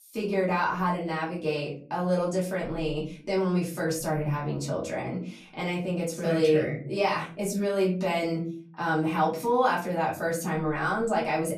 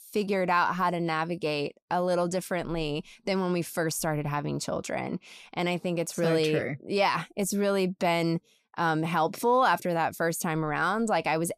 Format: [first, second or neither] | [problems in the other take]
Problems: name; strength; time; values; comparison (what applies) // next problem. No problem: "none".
second | off-mic speech; far // room echo; slight; dies away in 0.5 s